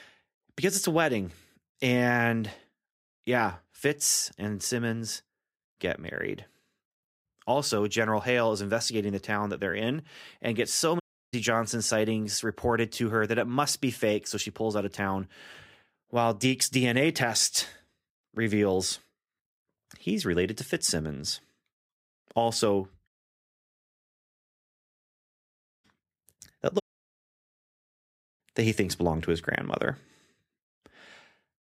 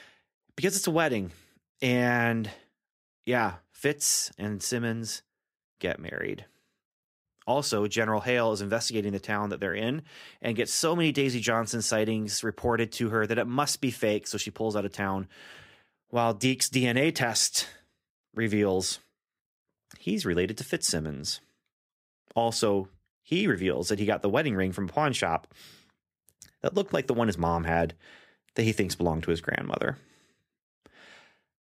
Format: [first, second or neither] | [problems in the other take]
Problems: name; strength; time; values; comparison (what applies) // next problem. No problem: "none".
second | audio cutting out; at 11 s, at 23 s for 3 s and at 27 s for 1.5 s